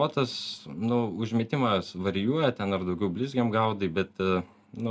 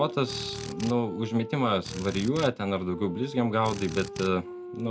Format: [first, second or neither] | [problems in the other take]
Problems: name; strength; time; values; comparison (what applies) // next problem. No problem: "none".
first | background sound (Drill + Wind instrument, woodwind instrument); 11 dB below the speech